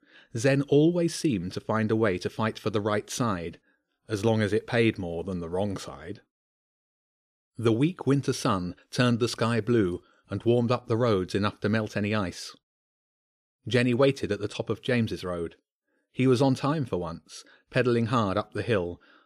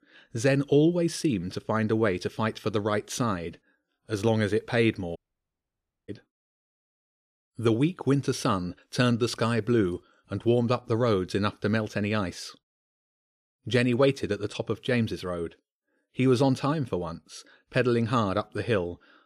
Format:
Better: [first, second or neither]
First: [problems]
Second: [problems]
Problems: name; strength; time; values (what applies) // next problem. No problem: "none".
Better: first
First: none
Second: audio cutting out; at 5 s for 1 s